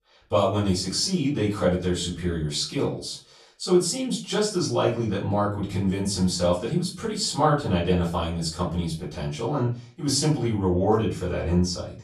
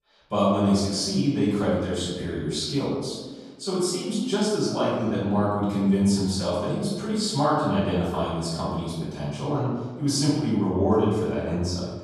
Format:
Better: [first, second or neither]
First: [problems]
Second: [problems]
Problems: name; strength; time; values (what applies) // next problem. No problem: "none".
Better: first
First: room echo; slight; dies away in 0.3 s // off-mic speech; far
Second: room echo; strong; dies away in 1.2 s // off-mic speech; far